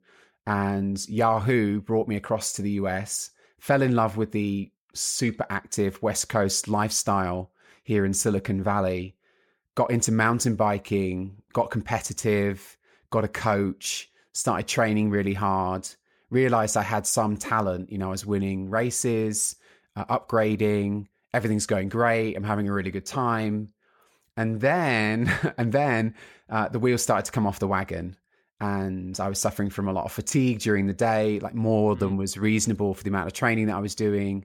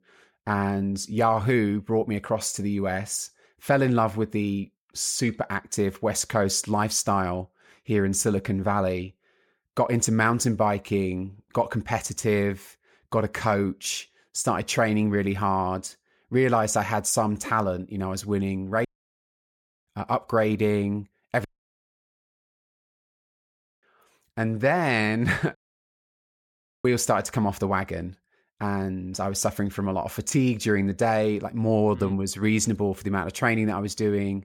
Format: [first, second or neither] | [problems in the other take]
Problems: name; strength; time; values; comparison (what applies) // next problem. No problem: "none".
first | audio cutting out; at 19 s for 1 s, at 21 s for 2.5 s and at 26 s for 1.5 s